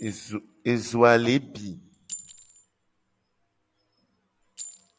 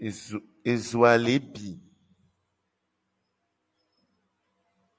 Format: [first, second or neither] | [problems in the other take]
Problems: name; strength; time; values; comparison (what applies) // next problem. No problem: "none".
second | background sound (Chink, clink); 20 dB below the speech